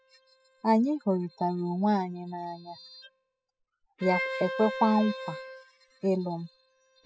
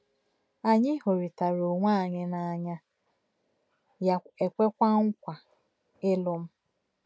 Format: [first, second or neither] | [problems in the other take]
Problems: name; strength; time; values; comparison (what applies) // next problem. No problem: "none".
second | noise reduction (classical method spectral subtraction)